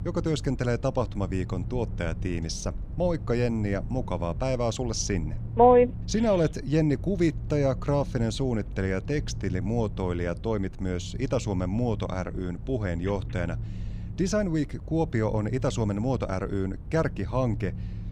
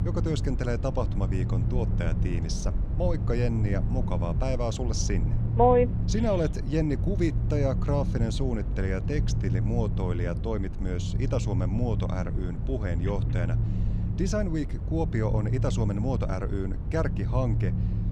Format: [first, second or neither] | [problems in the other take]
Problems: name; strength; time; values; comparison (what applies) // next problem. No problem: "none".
first | low rumble; loud; throughout; 10 dB below the speech; faint in the first